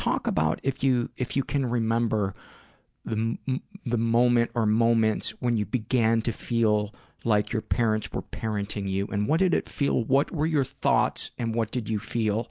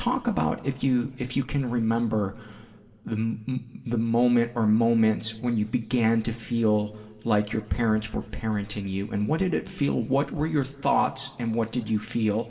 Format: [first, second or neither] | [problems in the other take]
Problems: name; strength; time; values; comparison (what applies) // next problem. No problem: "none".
first | room echo; dies away in 1.4 s